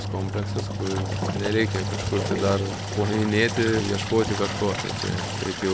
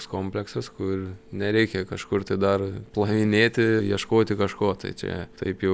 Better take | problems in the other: second | background sound (Engine); 2 dB below the speech

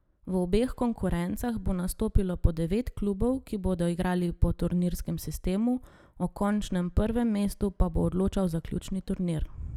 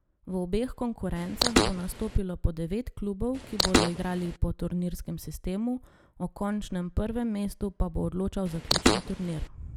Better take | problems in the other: first | background sound (Fart); 3 dB above the speech

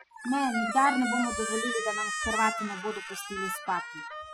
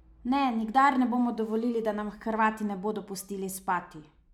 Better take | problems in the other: second | noise reduction (classical method spectral subtraction)

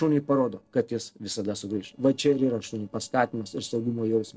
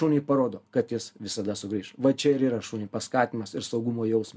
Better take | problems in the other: second | noise reduction (neural separator model SepFormer DNS4)

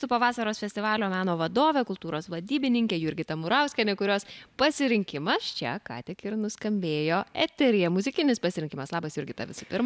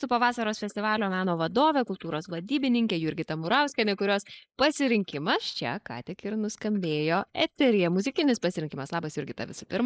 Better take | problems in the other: first | noise reduction (neural mask model Resemble Enhance denoiser)

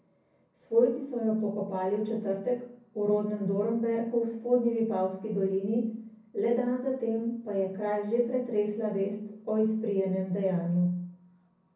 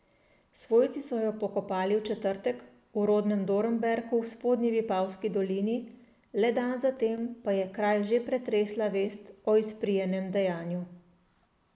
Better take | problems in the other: second | room echo; dies away in 0.6 s

